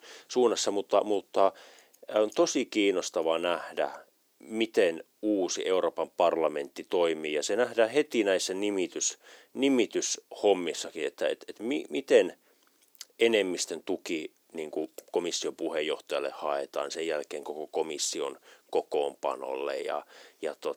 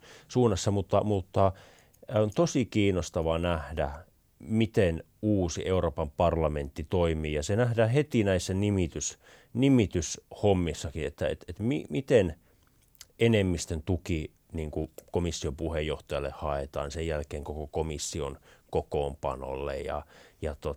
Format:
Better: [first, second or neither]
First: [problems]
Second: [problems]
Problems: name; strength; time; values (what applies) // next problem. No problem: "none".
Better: second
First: thin; somewhat; fading below 300 Hz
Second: none